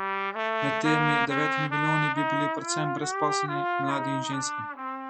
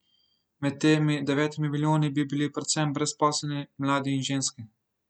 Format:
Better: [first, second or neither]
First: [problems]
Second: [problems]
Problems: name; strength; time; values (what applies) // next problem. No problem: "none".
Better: second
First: background sound (Trumpet); 3 dB above the speech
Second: none